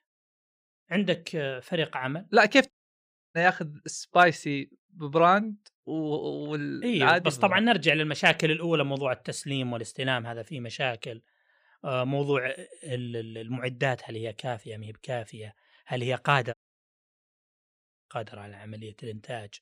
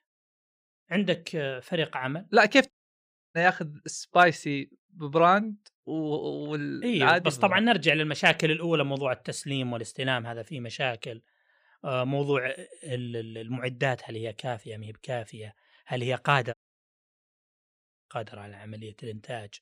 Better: neither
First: audio cutting out; at 2.5 s for 0.5 s and at 17 s for 1.5 s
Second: audio cutting out; at 2.5 s for 0.5 s and at 17 s for 1.5 s

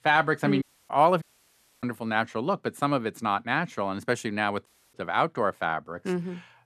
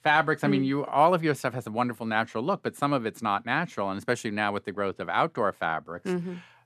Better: second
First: audio cutting out; at 0.5 s, at 1 s for 0.5 s and at 4.5 s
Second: none

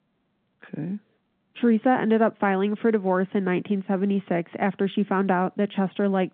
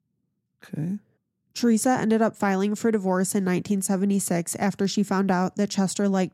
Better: second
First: phone-call audio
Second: none

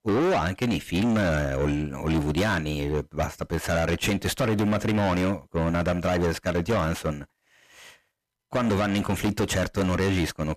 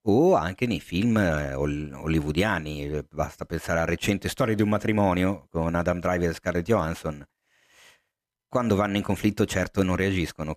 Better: second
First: distortion; heavy; 6 dB below the speech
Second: none

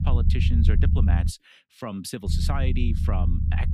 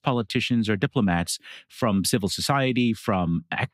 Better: second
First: low rumble; loud; until 1.5 s and from 2.5 s on; 4 dB below the speech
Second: none

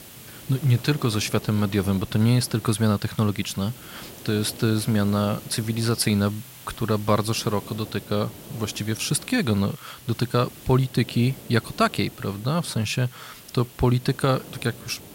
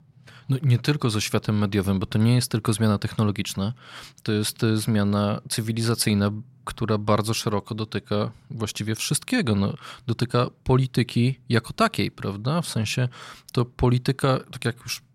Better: second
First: hiss; noticeable; throughout; 15 dB below the speech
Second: none

